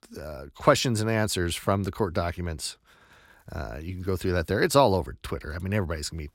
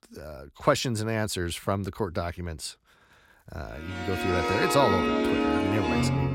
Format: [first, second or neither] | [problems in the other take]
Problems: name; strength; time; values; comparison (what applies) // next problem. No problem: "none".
first | background music; very loud; from 4 s on; 3 dB above the speech